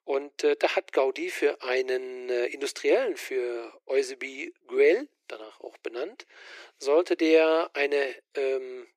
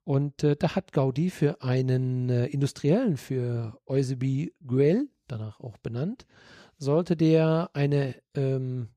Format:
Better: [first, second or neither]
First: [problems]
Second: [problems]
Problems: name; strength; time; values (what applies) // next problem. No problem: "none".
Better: second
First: thin; very; fading below 350 Hz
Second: none